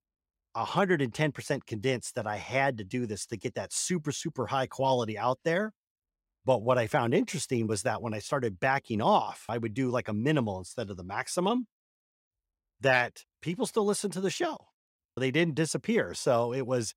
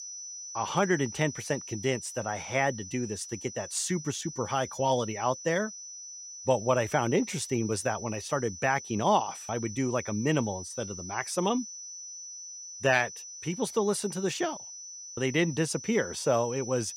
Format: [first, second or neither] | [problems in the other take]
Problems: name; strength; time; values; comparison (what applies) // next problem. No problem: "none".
first | high-pitched whine; noticeable; throughout; 6 kHz, 10 dB below the speech